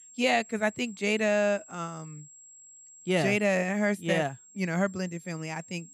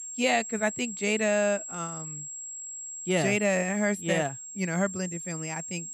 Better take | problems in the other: first | high-pitched whine; loud; throughout; 7.5 kHz, 8 dB below the speech; faint in the first

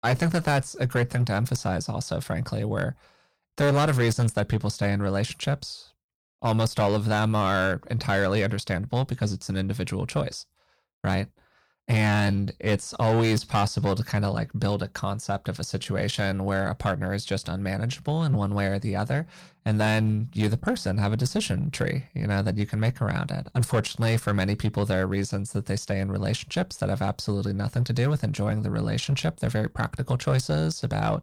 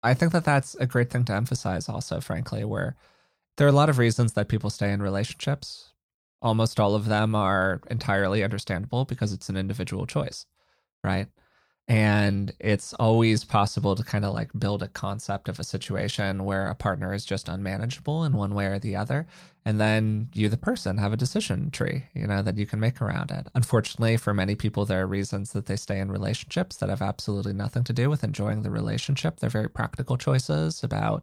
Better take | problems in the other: second | distortion; slight; 7% of the sound clipped

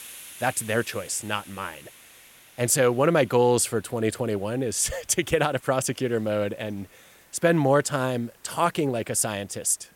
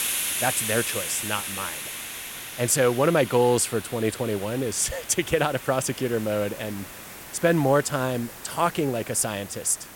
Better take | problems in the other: first | hiss; loud; throughout; 8 dB below the speech; faint in the first

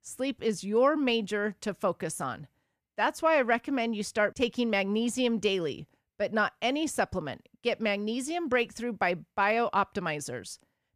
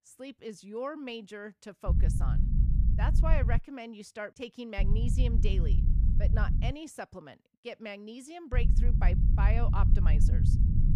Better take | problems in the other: first | low rumble; loud; from 2 to 3.5 s, from 5 to 6.5 s and from 8.5 s on; 5 dB below the speech

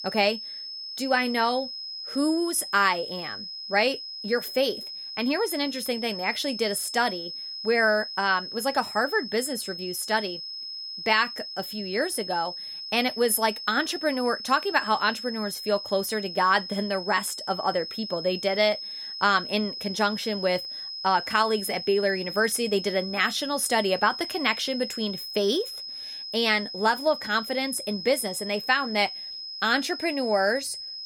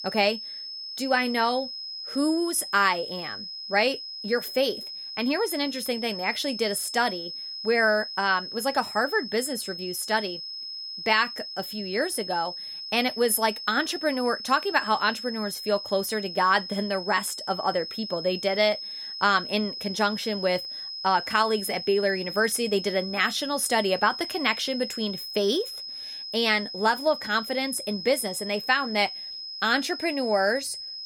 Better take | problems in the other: neither | high-pitched whine; loud; throughout; 5 kHz, 8 dB below the speech; the same in both

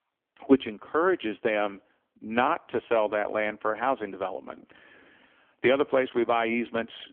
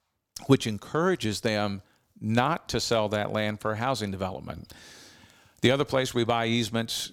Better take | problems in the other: second | phone-call audio; poor line; nothing above 3.5 kHz

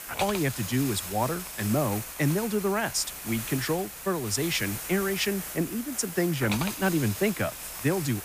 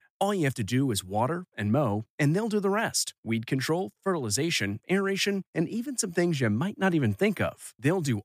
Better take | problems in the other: second | hiss; loud; throughout; 7 dB below the speech

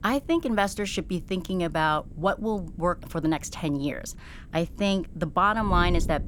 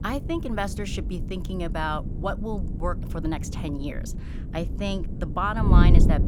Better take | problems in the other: first | wind noise on the microphone; heavy; 8 dB below the speech; occasional gusts in the first

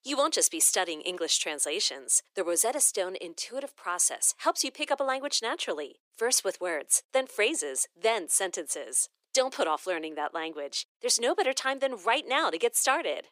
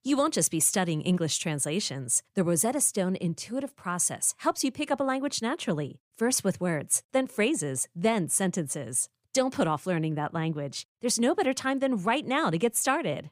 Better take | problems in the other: second | thin; very; fading below 350 Hz

